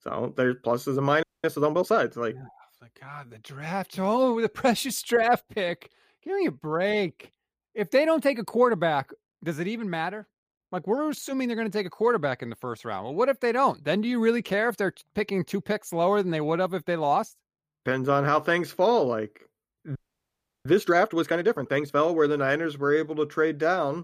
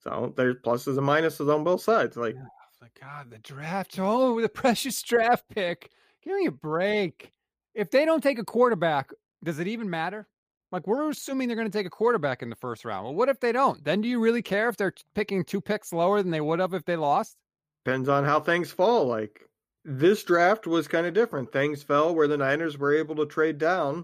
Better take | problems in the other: second | audio freezing; at 1 s and at 20 s for 0.5 s

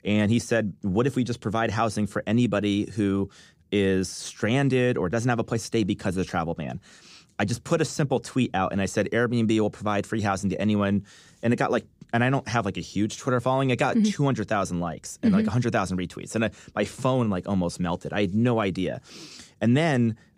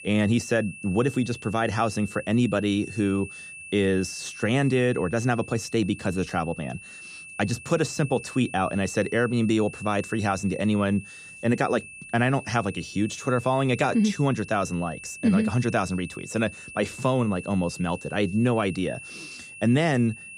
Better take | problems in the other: first | high-pitched whine; noticeable; throughout; 2.5 kHz, 15 dB below the speech

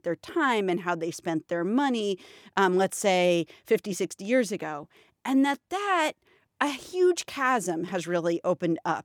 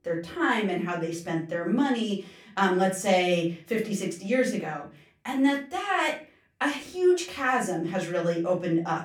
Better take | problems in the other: first | room echo; slight; dies away in 0.3 s // off-mic speech; far

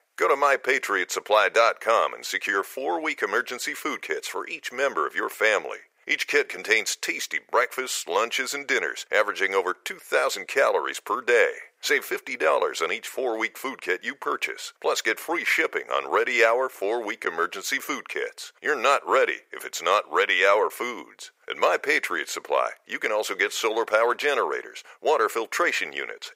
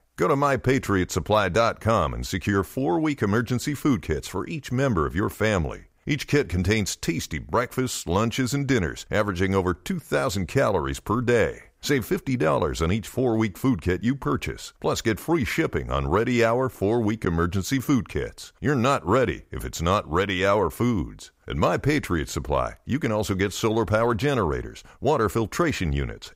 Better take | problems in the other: second | thin; very; fading below 450 Hz

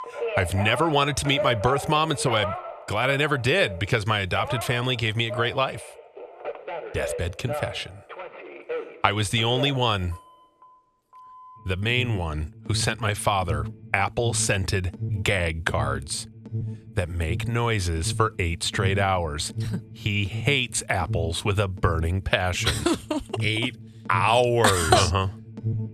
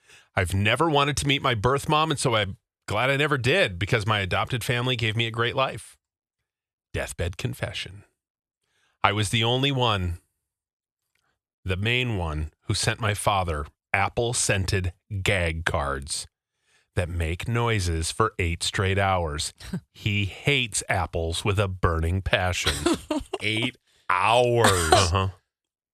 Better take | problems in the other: second | alarms or sirens; noticeable; throughout; 10 dB below the speech

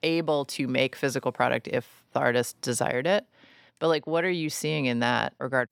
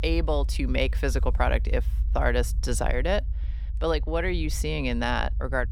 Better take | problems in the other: first | low rumble; faint; throughout; 20 dB below the speech

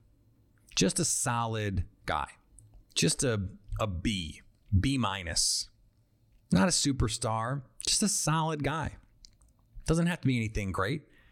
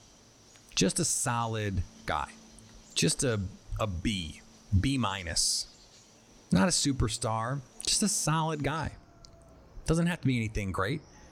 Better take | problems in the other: first | animal sounds; faint; throughout; 25 dB below the speech

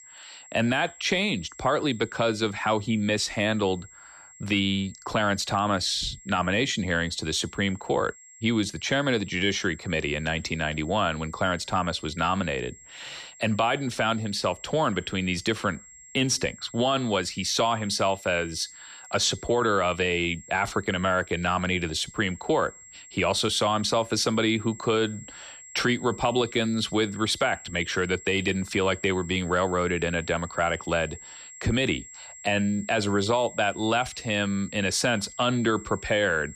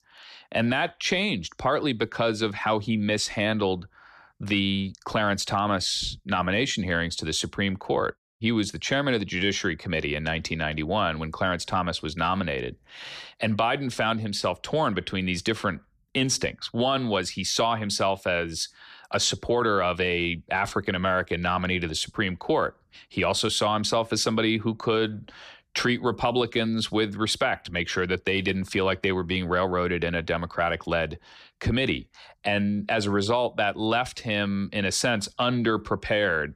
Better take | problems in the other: second | high-pitched whine; noticeable; throughout; 7.5 kHz, 20 dB below the speech

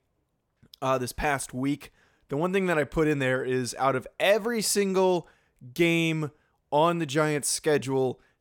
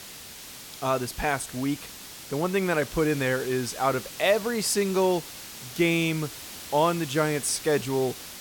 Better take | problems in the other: first | hiss; noticeable; throughout; 10 dB below the speech

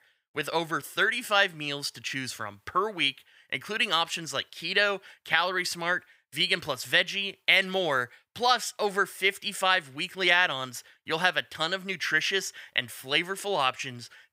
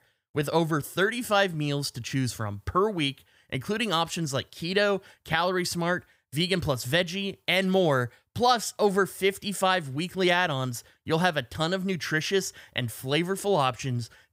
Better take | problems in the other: second | thin; somewhat; fading below 900 Hz

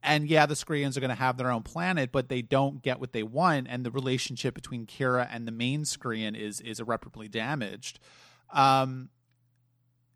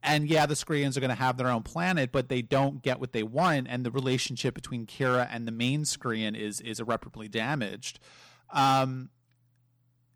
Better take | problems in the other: first | distortion; slight; 4% of the sound clipped

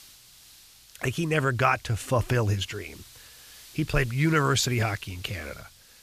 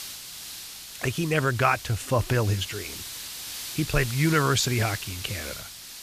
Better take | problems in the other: first | hiss; loud; throughout; 10 dB below the speech; faint in the first

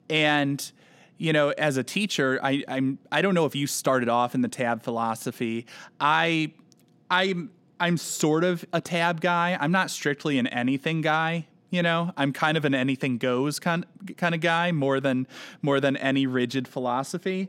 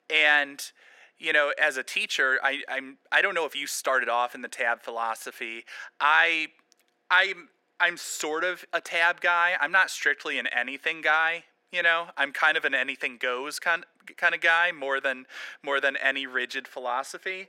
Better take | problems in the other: first | thin; very; fading below 450 Hz

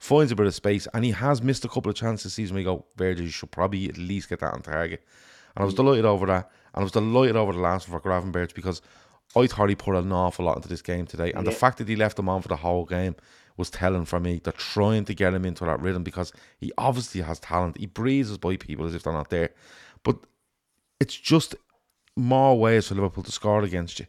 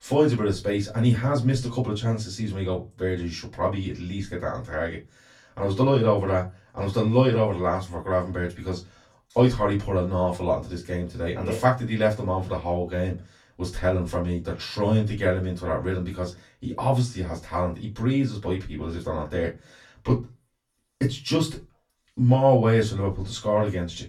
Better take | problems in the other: first | off-mic speech; far // room echo; very slight; dies away in 0.2 s

